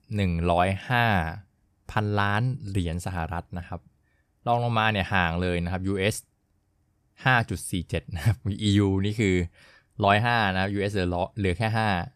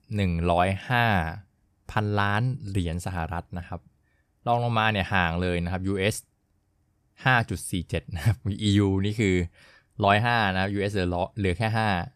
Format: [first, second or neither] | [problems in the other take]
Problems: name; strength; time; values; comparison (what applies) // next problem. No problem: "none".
neither | none